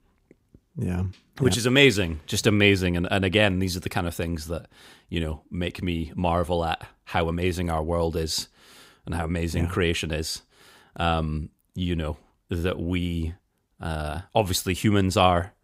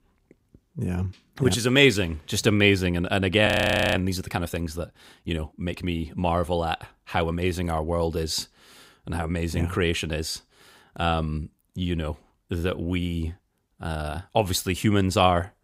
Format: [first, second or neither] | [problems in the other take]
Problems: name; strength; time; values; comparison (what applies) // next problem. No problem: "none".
first | audio freezing; at 3.5 s